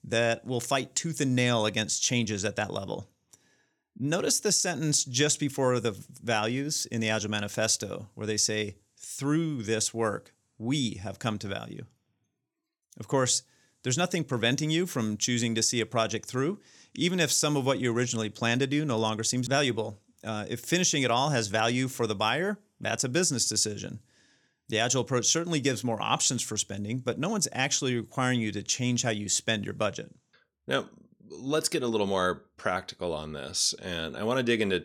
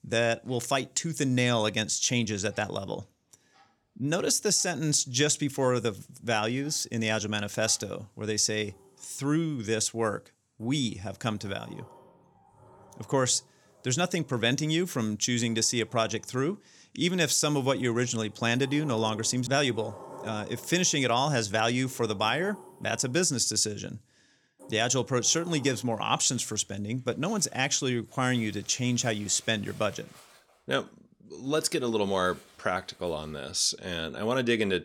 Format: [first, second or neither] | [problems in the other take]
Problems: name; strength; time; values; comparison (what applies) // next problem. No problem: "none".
first | household noises; faint; throughout; 25 dB below the speech